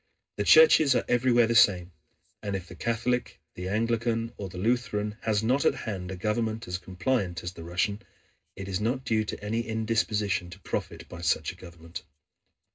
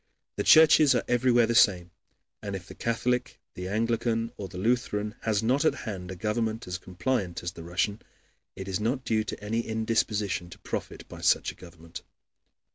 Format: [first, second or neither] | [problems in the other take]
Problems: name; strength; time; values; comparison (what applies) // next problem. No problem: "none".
second | room echo; dies away in 0.2 s